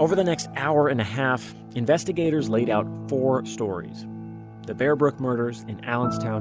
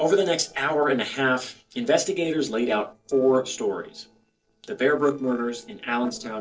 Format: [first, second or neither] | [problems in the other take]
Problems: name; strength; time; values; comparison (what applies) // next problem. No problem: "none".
first | noise reduction (neural separator model SepFormer DNS4)